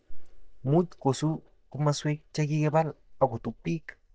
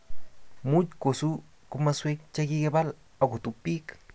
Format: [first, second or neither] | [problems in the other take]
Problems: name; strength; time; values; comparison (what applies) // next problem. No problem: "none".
second | noise reduction (neural mask model DeepFilterNet 3)